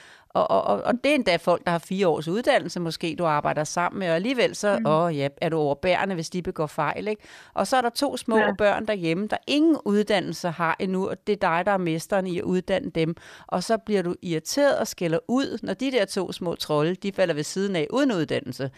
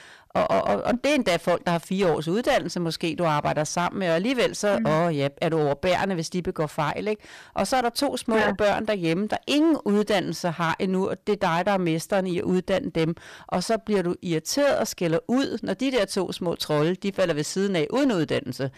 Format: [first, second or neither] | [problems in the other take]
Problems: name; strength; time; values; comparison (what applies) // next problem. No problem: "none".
first | distortion; slight; 8% of the sound clipped